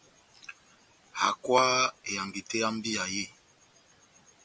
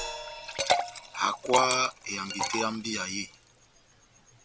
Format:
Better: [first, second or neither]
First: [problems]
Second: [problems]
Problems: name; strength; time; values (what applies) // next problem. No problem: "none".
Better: first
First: none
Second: background sound (Liquid + Crash cymbal); 2 dB below the speech